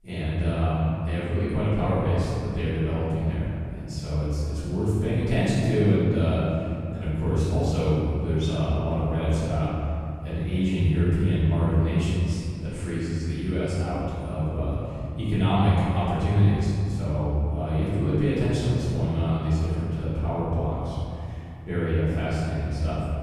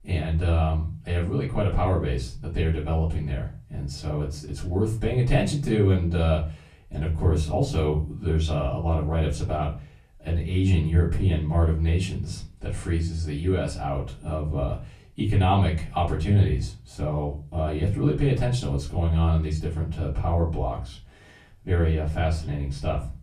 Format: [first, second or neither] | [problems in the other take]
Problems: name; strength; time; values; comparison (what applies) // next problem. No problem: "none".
second | room echo; strong; dies away in 2.5 s; slight in the second // off-mic speech; far; far in the second